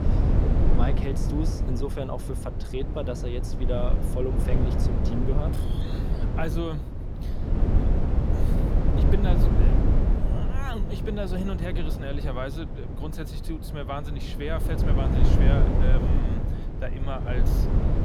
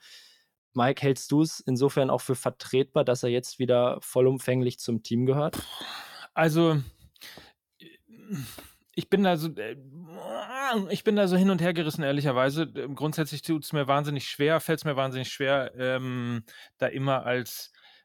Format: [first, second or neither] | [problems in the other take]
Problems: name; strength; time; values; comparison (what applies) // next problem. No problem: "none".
second | low rumble; loud; throughout; 1 dB below the speech